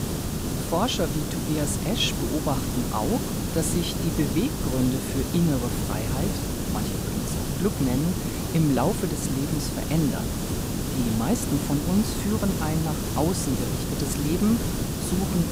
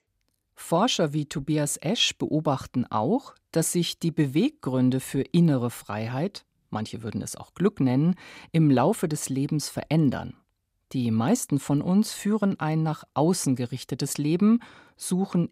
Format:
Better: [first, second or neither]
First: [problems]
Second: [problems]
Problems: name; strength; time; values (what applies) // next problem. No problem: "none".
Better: second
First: hiss; loud; throughout; 1 dB below the speech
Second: none